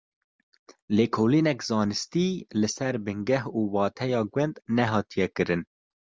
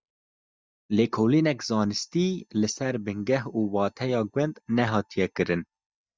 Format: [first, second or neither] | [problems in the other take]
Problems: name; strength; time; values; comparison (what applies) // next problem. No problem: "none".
first | noise reduction (neural mask model DeepFilterNet 3)